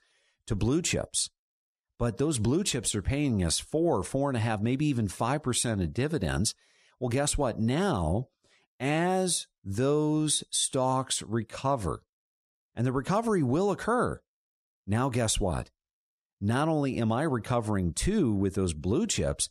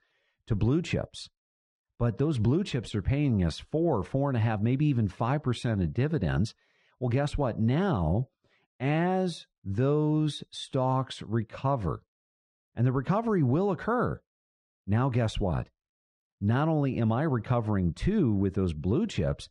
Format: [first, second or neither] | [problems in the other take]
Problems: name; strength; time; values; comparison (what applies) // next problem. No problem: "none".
first | muffled; slightly; fading above 3 kHz